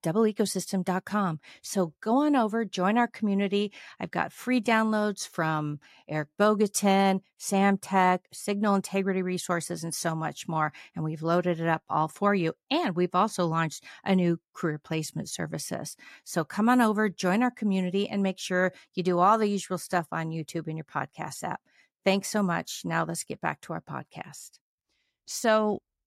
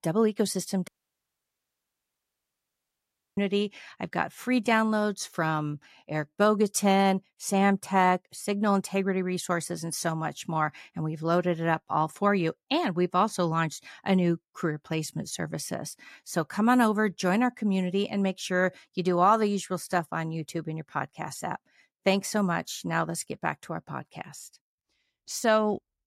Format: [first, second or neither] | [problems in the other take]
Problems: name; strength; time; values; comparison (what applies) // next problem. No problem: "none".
first | audio cutting out; at 1 s for 2.5 s